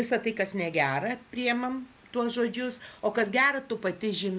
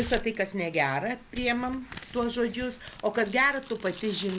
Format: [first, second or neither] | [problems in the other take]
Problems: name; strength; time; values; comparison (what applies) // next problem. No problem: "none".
first | background sound (Tearing); 15 dB below the speech